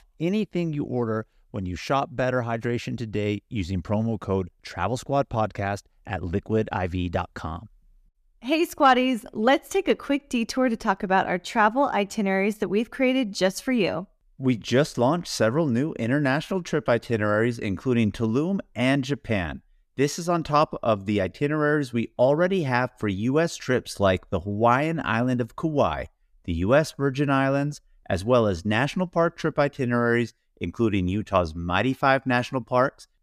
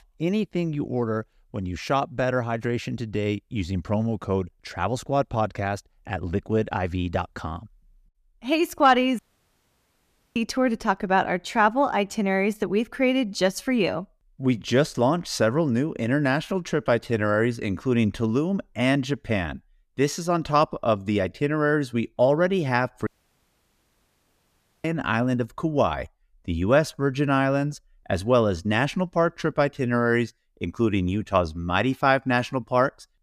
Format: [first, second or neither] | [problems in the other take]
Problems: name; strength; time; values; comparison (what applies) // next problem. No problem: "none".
first | audio cutting out; at 9 s for 1 s and at 23 s for 2 s